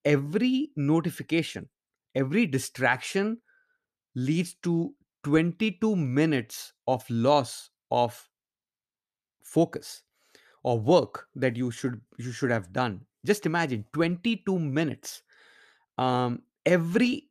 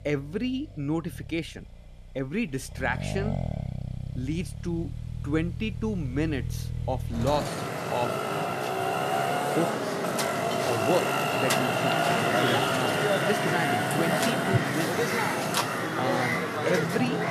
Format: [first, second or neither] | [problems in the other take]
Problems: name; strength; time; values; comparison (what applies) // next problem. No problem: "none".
first | traffic noise; very loud; throughout; 4 dB above the speech